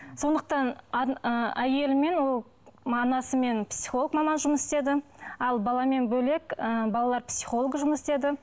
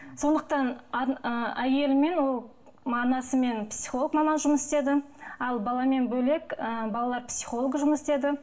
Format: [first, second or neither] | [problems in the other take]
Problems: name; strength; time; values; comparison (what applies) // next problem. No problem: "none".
first | room echo; dies away in 0.4 s